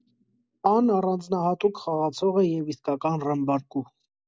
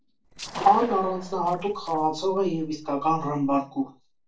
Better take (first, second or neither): first